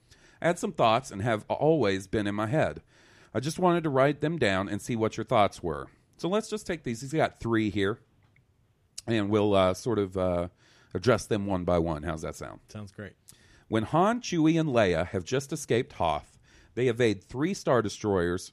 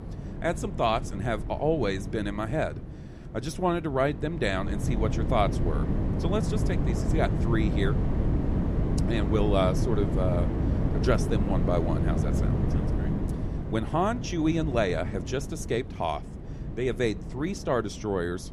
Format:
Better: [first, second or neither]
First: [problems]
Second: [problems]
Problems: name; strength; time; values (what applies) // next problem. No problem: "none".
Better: first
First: none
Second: wind noise on the microphone; heavy; 8 dB below the speech